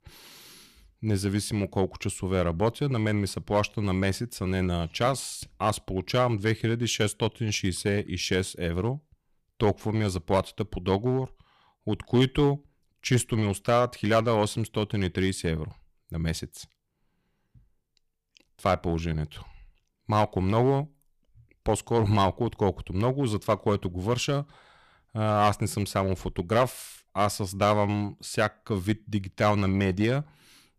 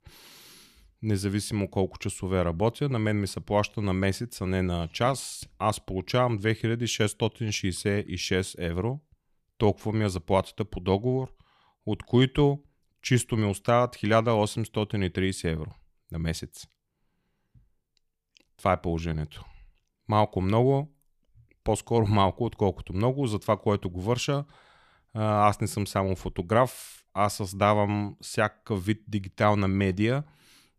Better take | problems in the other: second | distortion; slight; 3% of the sound clipped

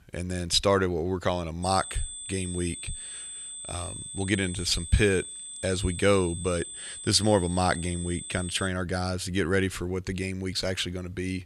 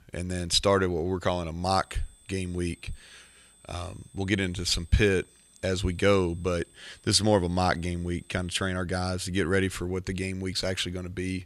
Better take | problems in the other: second | high-pitched whine; loud; from 1.5 to 8.5 s; 8 kHz, 9 dB below the speech; faint in the second

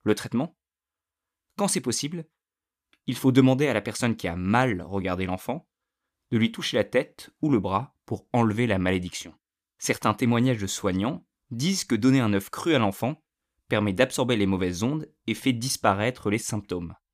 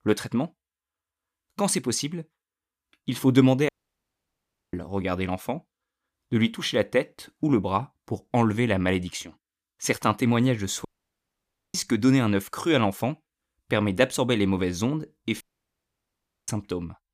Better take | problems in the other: first | audio cutting out; at 3.5 s for 1 s, at 11 s for 1 s and at 15 s for 1 s

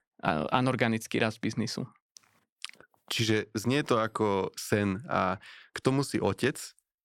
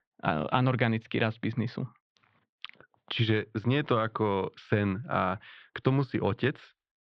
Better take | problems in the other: first | muffled; very; fading above 3.5 kHz

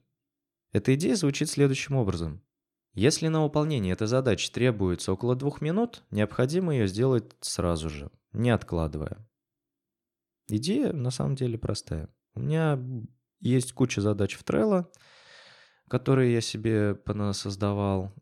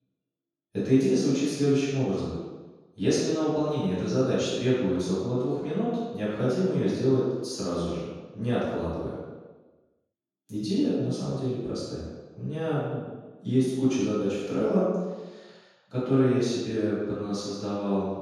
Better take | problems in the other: first | room echo; strong; dies away in 1.2 s // off-mic speech; far

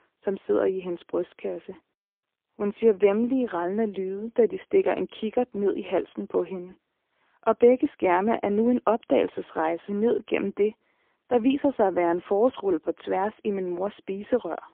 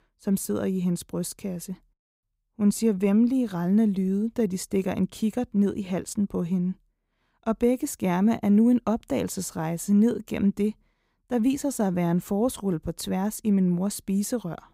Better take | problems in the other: second | phone-call audio; poor line; nothing above 3 kHz

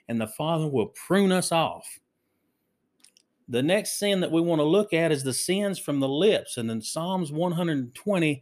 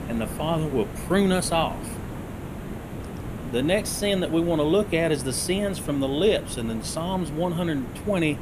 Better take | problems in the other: first | hiss; noticeable; throughout; 10 dB below the speech

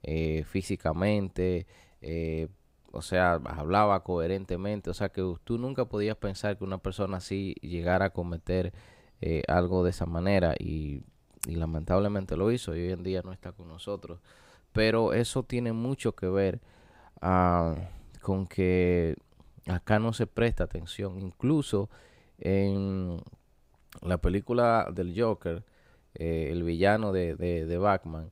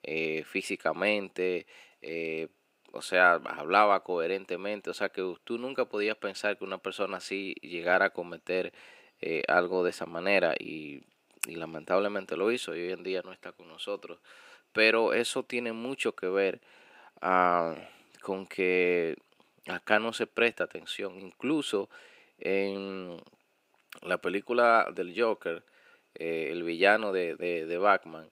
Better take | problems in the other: first | thin; somewhat; fading below 300 Hz

